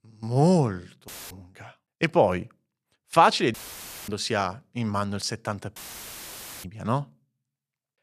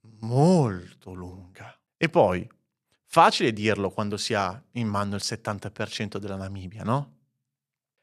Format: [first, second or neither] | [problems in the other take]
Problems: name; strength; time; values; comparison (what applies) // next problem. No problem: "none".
second | audio cutting out; filled with static; at 1 s, at 3.5 s for 0.5 s and at 6 s for 1 s